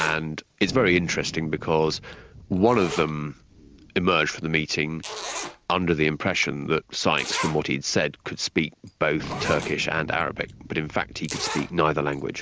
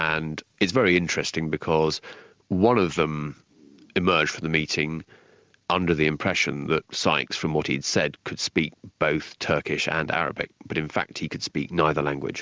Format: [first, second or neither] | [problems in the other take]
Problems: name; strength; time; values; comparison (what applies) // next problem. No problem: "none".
second | background sound (Zipper (clothing) + Thunder); 12 dB below the speech